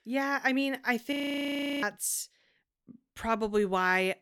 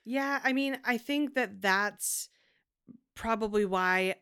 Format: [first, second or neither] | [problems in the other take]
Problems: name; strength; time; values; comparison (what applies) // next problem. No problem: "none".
second | audio freezing; at 1 s for 0.5 s